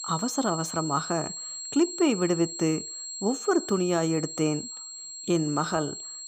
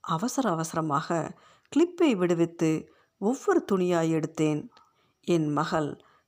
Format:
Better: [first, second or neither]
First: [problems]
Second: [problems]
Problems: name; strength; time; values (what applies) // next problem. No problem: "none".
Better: second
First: high-pitched whine; loud; throughout; 7.5 kHz, 8 dB below the speech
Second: none